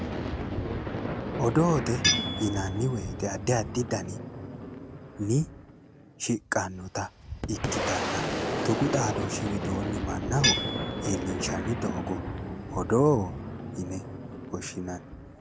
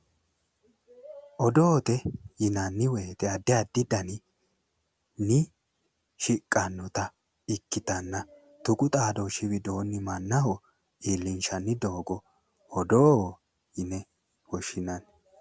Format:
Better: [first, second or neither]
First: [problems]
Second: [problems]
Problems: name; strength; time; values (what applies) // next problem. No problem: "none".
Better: second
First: background sound (Tools + Boom); 2 dB below the speech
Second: none